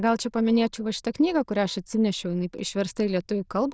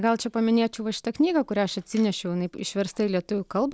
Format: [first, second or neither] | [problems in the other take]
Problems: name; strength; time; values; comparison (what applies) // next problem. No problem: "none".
second | noise reduction (neural diffusion model UNIVERSE++)